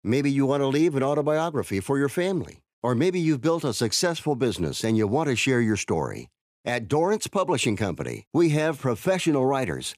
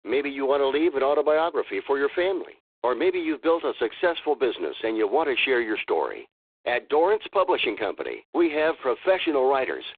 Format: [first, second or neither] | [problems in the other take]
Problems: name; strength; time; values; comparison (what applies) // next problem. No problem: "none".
first | phone-call audio; poor line